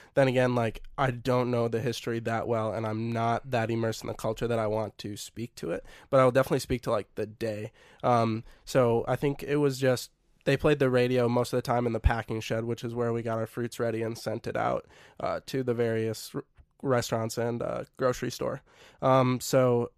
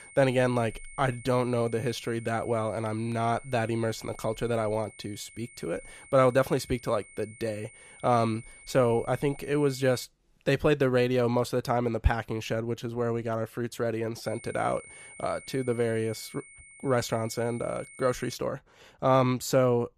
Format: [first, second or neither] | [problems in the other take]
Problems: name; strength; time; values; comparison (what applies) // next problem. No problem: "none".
first | high-pitched whine; noticeable; until 10 s and from 14 to 18 s; 2 kHz, 20 dB below the speech